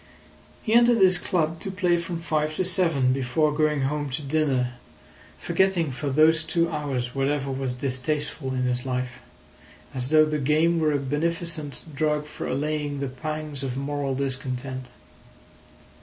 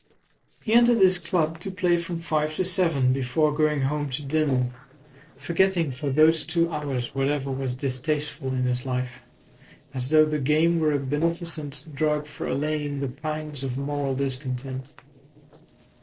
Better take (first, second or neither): first